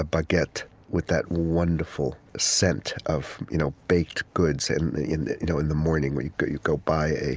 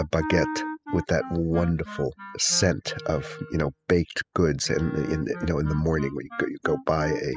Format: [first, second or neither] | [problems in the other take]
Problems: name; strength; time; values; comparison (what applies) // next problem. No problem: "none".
first | noise reduction (classical method spectral subtraction)